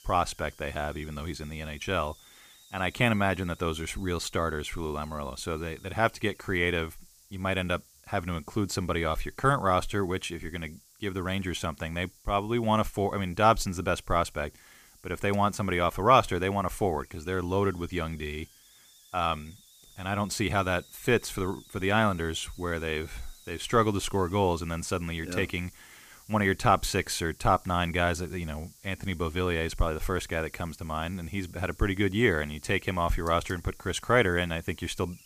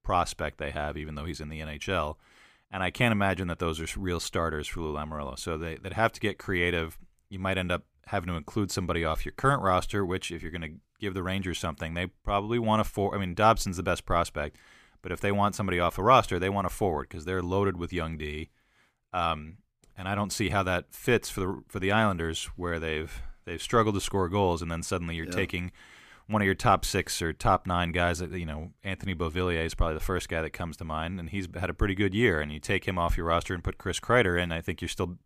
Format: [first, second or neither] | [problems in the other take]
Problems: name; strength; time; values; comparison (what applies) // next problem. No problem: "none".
second | hiss; faint; throughout; 25 dB below the speech